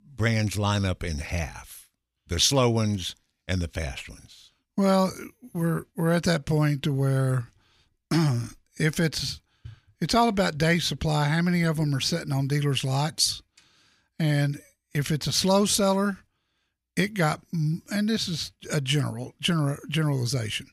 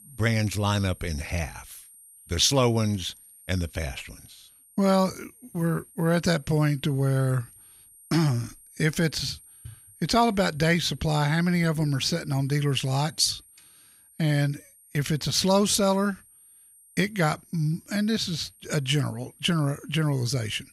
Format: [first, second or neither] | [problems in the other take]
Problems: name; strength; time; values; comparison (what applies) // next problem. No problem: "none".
first | high-pitched whine; faint; throughout; 9 kHz, 25 dB below the speech